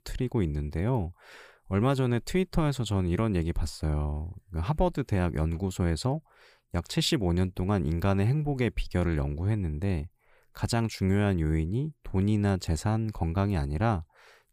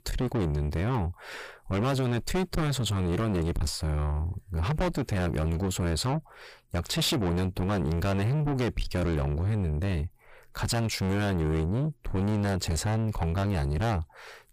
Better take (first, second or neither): first